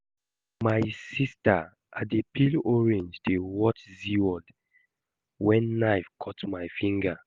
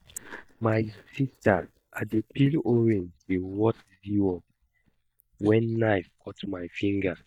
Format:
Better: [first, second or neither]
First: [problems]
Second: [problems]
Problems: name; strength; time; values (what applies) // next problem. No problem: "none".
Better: first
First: none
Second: noise reduction (neural mask model DeepFilterNet 3)